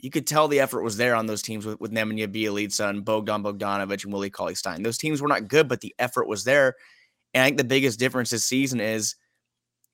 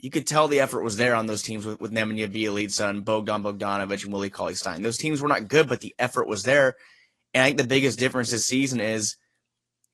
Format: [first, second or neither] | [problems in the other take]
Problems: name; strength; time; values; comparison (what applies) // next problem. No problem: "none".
first | garbled, watery; slightly; nothing above 11.5 kHz